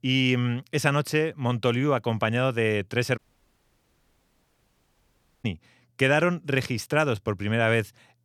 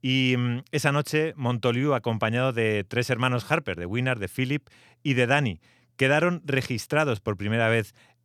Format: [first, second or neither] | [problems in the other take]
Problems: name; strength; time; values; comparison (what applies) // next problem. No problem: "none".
second | audio cutting out; at 3 s for 2.5 s